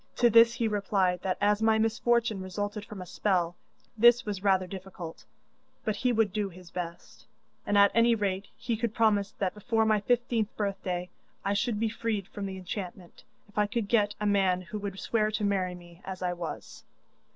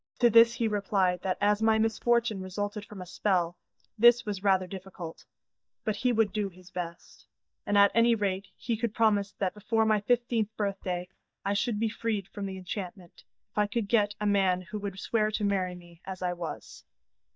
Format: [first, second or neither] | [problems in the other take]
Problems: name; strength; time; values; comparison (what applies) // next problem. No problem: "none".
first | noise reduction (neural mask model DeepFilterNet 3)